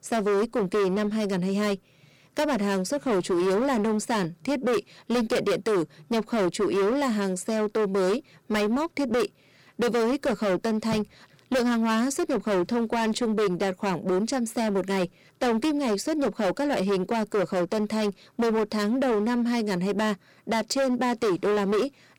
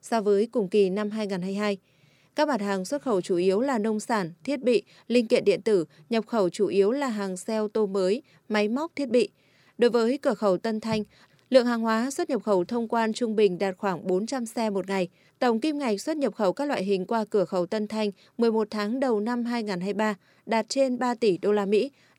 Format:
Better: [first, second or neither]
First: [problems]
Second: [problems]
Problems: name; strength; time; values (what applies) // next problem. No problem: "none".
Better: second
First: distortion; heavy; 21% of the sound clipped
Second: none